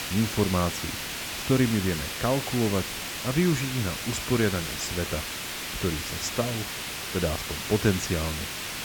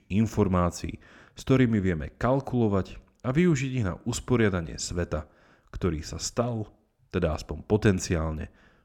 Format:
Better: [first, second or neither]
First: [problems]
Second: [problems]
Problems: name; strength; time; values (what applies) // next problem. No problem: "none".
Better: second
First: hiss; loud; throughout; 3 dB below the speech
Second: none